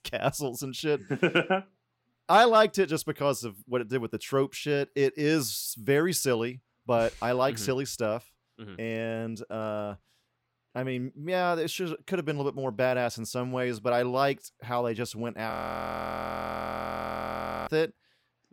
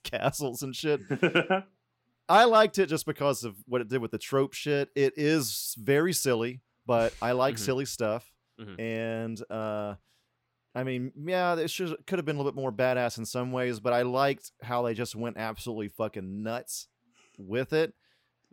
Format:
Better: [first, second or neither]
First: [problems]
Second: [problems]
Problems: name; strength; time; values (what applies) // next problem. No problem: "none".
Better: second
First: audio freezing; at 16 s for 2 s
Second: none